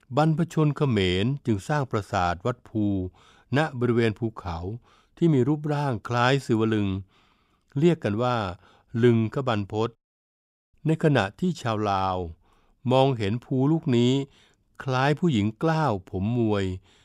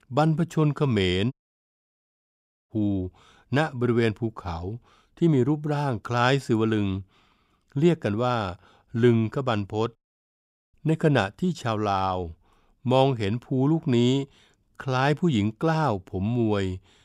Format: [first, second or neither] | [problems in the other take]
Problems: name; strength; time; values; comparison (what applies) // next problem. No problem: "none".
first | audio cutting out; at 1.5 s for 1.5 s